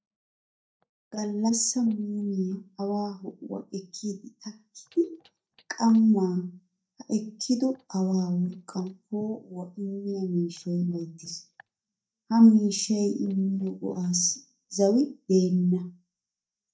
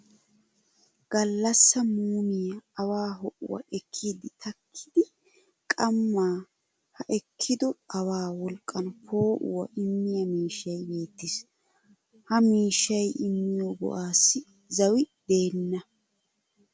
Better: second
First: noise reduction (neural mask model DeepFilterNet 3)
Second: none

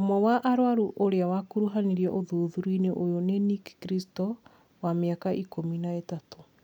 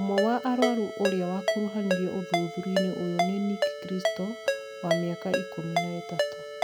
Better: first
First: none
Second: background sound (Ringtone); 1 dB below the speech

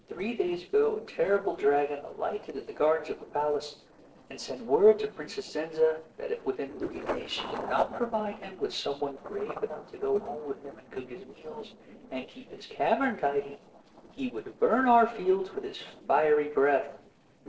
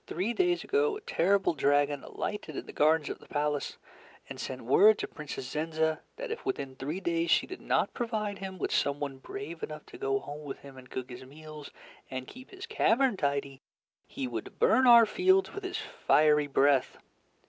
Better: second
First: noise reduction (neural separator model SepFormer DNS4)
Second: none

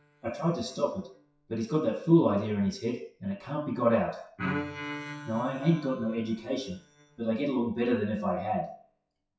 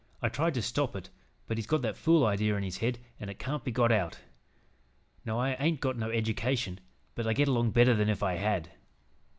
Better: second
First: noise reduction (classical method WPE with log-MMSE)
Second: none

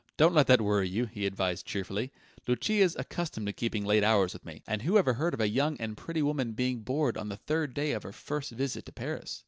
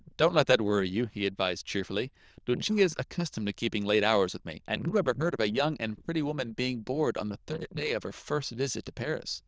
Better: first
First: none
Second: noise reduction (neural diffusion model UNIVERSE++)

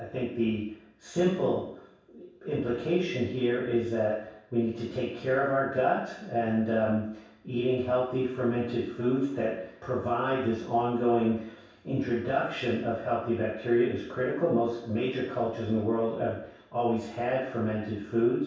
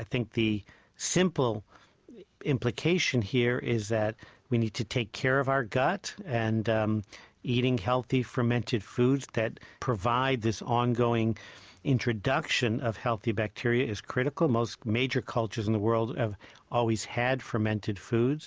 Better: second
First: room echo; dies away in 0.7 s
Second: none

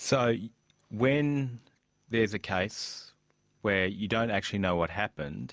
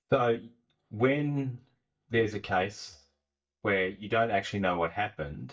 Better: first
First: none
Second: noise reduction (neural mask model DeepFilterNet 3)

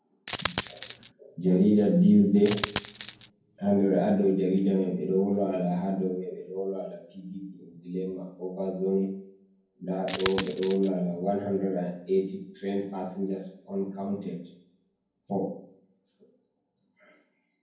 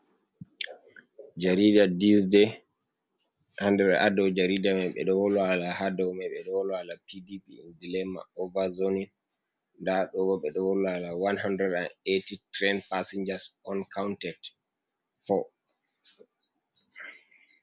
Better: second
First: background sound (Coin (dropping)); 8 dB below the speech // room echo; dies away in 0.9 s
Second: none

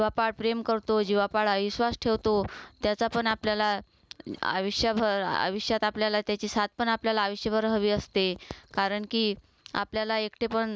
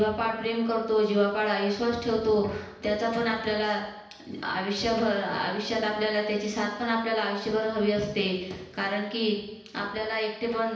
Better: first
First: none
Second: room echo; dies away in 0.9 s

